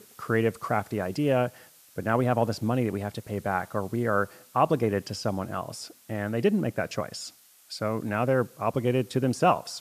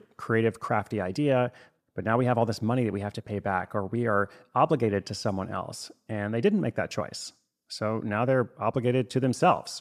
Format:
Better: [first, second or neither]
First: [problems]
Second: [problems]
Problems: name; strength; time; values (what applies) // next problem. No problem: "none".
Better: second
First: hiss; faint; throughout; 25 dB below the speech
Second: none